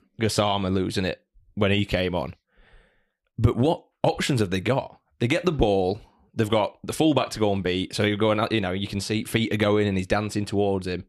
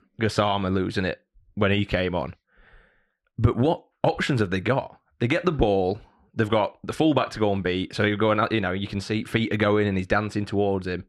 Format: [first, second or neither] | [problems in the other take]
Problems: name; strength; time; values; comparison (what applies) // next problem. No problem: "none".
first | muffled; very slightly; fading above 2 kHz